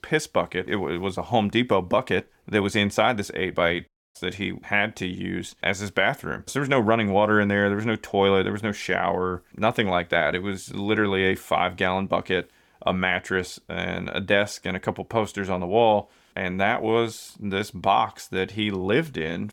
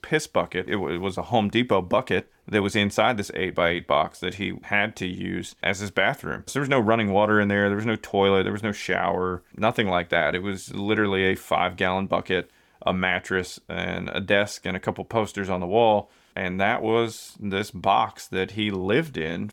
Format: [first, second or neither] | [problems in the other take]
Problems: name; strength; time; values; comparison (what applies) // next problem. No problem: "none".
second | audio cutting out; at 4 s